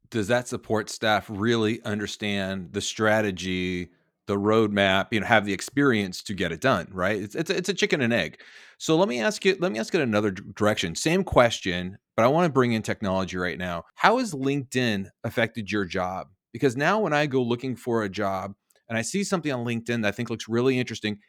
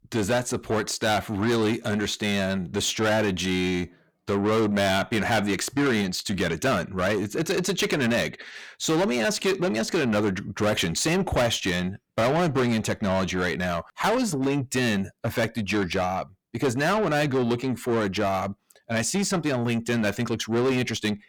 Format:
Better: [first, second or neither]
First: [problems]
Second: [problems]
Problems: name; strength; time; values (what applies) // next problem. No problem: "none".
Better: first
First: none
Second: distortion; heavy; 6 dB below the speech